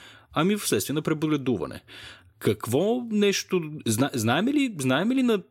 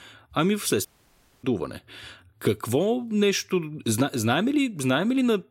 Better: first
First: none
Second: audio cutting out; at 1 s for 0.5 s

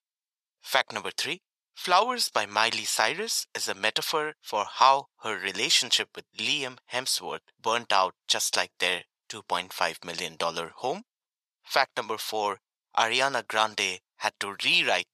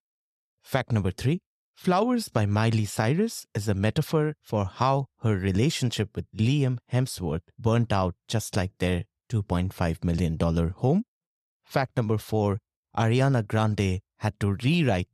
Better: second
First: thin; very; fading below 750 Hz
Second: none

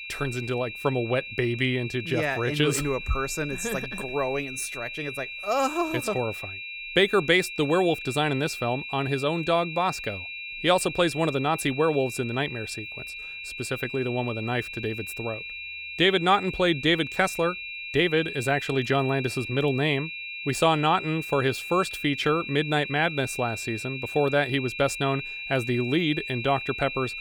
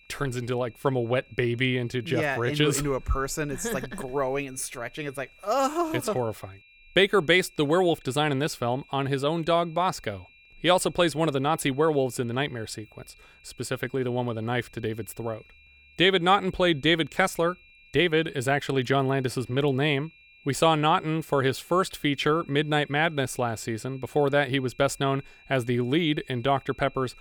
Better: second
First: high-pitched whine; loud; throughout; 2.5 kHz, 8 dB below the speech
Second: high-pitched whine; faint; throughout; 2.5 kHz, 25 dB below the speech

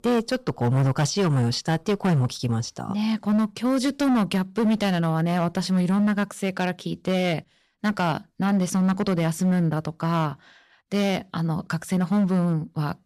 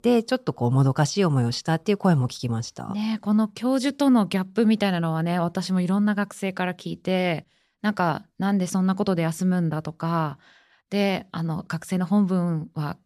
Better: second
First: distortion; slight; 13% of the sound clipped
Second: none

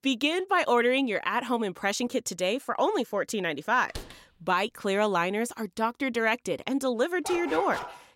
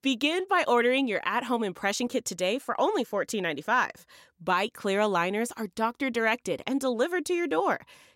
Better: second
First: door banging; faint; at 4 s; peak 15 dB below the speech // dog barking; noticeable; at 7 s; peak 8 dB below the speech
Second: none

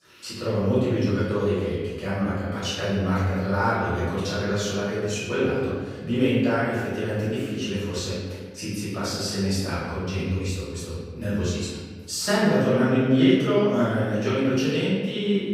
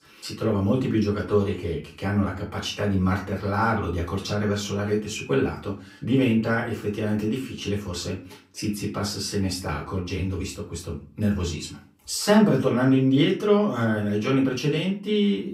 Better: second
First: room echo; strong; dies away in 1.4 s // off-mic speech; far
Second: room echo; slight; dies away in 0.3 s // off-mic speech; far

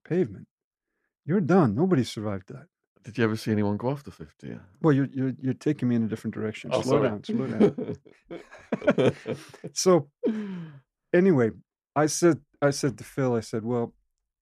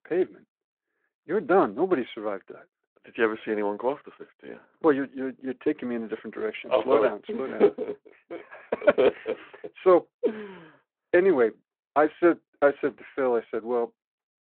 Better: first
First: none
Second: phone-call audio

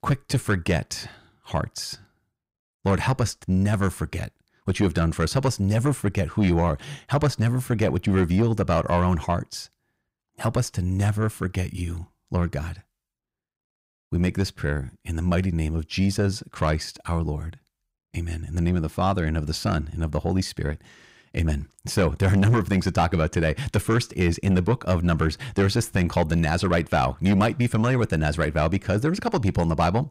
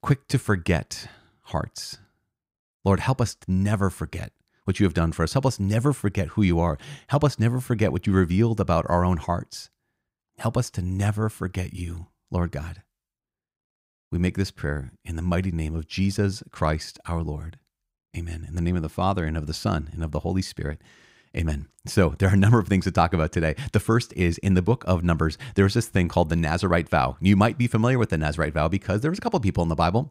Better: second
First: distortion; slight; 10 dB below the speech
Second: none

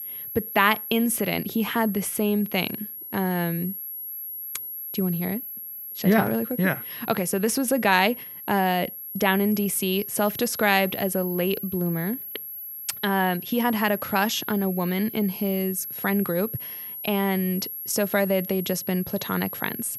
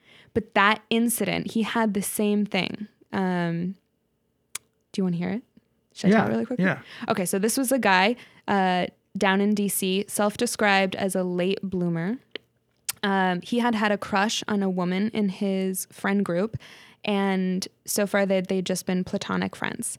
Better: second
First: high-pitched whine; loud; throughout; 11.5 kHz, 8 dB below the speech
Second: none

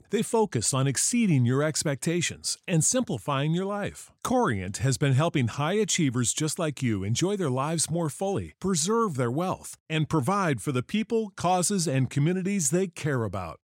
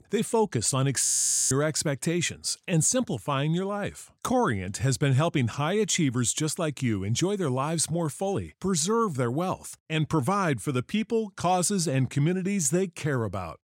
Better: first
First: none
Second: audio freezing; at 1 s

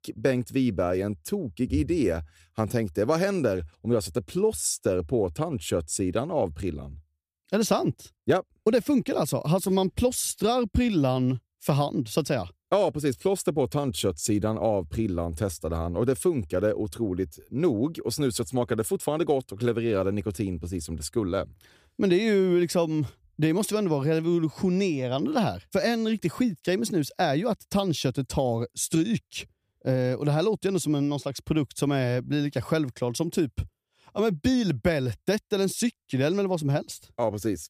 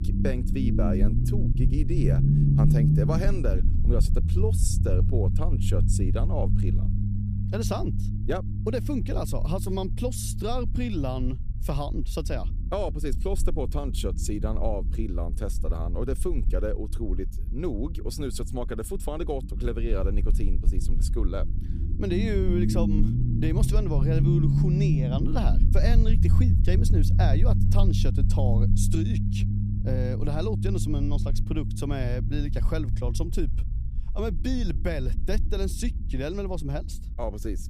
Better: first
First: none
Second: low rumble; loud; throughout; 4 dB below the speech

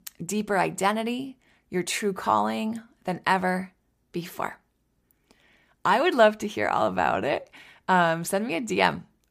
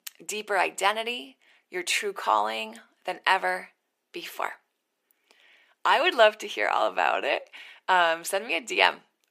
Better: first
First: none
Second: thin; very; fading below 400 Hz

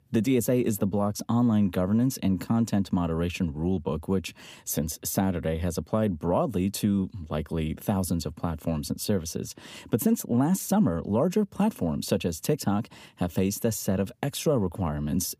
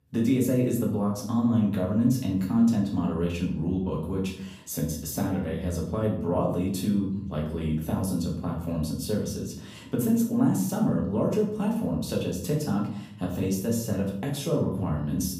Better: first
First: none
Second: room echo; noticeable; dies away in 0.6 s // off-mic speech; far

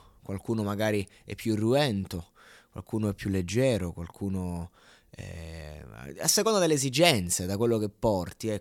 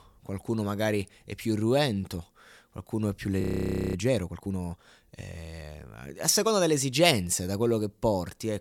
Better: first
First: none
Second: audio freezing; at 3.5 s for 0.5 s

